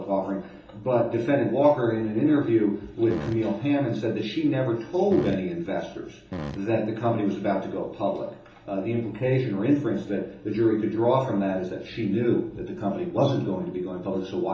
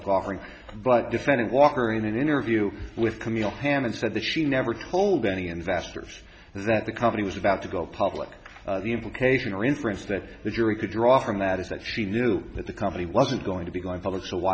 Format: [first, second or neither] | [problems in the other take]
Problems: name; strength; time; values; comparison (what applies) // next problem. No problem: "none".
second | background sound (Fart); 10 dB below the speech // room echo; dies away in 1.2 s